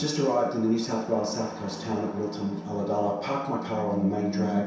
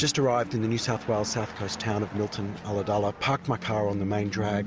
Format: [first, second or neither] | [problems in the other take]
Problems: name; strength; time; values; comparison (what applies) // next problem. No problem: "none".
second | room echo; dies away in 0.7 s